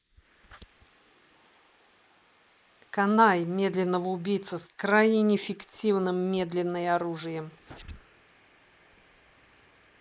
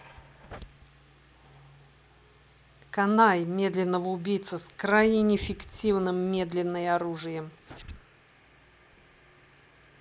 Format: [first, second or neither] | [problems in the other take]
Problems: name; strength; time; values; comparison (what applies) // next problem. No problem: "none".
second | noise reduction (neural mask model Resemble Enhance denoiser)